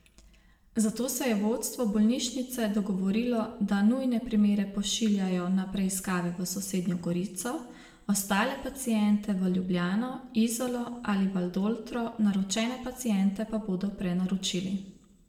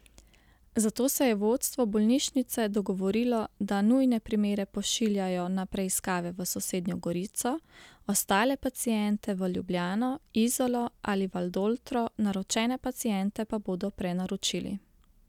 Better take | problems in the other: second | room echo; dies away in 0.7 s

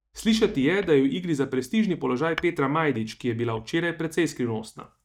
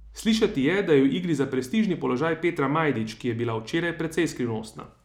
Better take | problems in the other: second | noise reduction (neural mask model DeepFilterNet 3)

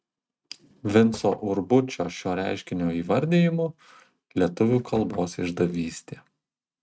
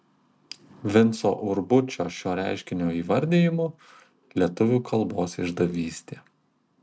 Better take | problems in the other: second | noise reduction (neural mask model RNNoise)

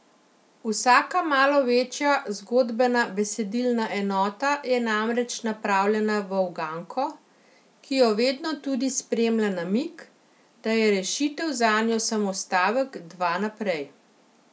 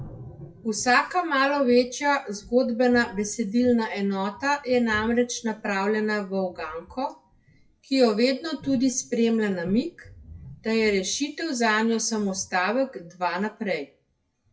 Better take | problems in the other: first | noise reduction (classical method WPE with log-MMSE)

